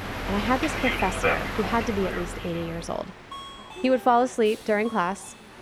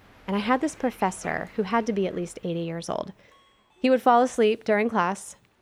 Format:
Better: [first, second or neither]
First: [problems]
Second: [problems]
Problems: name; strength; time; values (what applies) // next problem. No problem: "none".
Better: second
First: train or aircraft noise; loud; throughout; 4 dB below the speech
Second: train or aircraft noise; faint; throughout; 25 dB below the speech